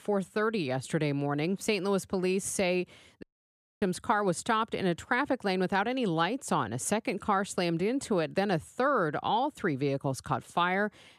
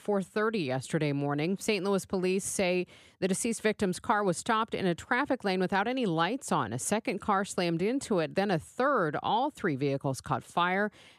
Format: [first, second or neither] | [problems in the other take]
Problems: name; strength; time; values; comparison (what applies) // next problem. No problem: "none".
second | audio cutting out; at 3 s for 0.5 s